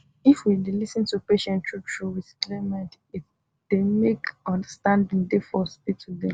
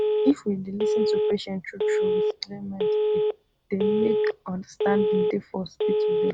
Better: first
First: none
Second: background sound (Telephone); 5 dB above the speech

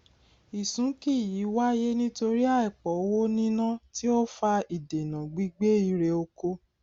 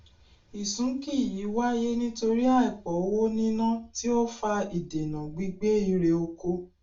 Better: first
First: none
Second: room echo; dies away in 0.3 s

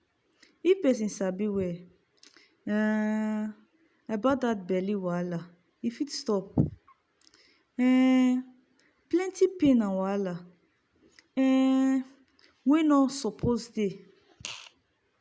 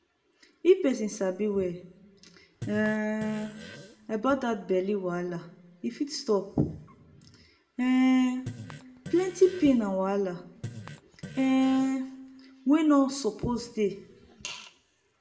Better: first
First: none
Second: background sound (Fart); 16 dB below the speech // room echo; dies away in 0.6 s

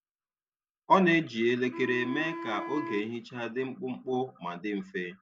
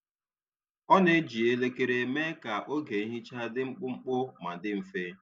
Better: second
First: background sound (Wind instrument, woodwind instrument); 10 dB below the speech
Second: none

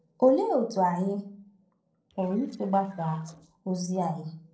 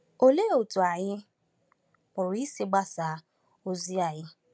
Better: second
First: noise reduction (neural separator model SepFormer DNS4)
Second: none

